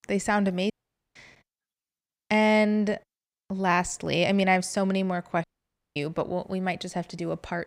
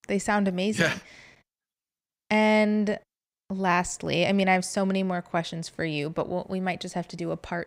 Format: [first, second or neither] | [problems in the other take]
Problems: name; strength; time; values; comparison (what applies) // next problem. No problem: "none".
second | audio cutting out; at 0.5 s and at 5.5 s for 0.5 s